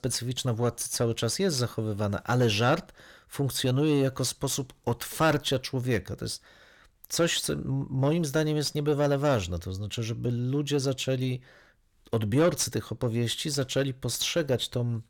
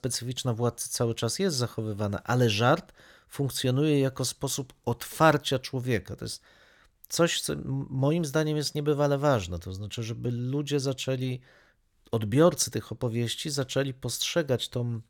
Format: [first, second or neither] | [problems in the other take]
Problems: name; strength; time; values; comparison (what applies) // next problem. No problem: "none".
second | distortion; slight; 10 dB below the speech